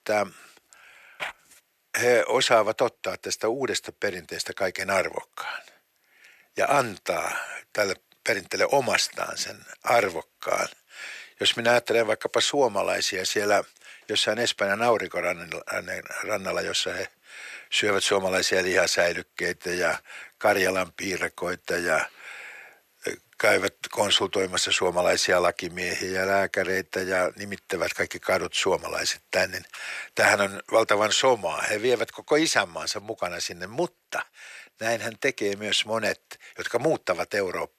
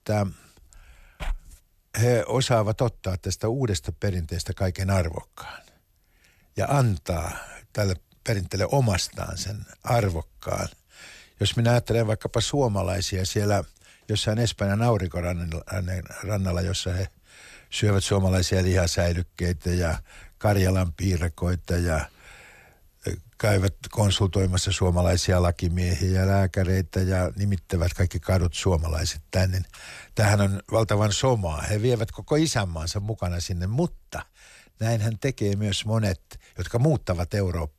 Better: second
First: thin; very; fading below 400 Hz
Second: none

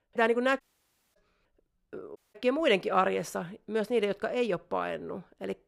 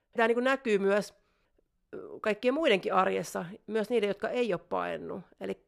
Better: second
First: audio cutting out; at 0.5 s for 0.5 s and at 2 s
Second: none

